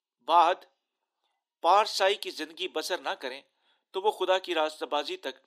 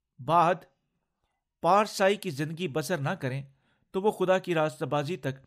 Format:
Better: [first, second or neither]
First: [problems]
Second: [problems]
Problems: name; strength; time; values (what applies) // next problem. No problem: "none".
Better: second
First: thin; very; fading below 300 Hz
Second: none